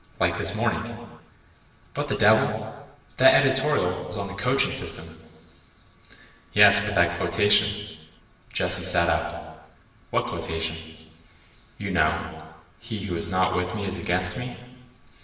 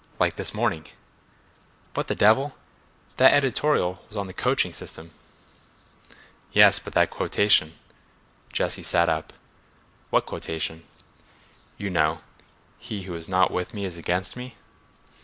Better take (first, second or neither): second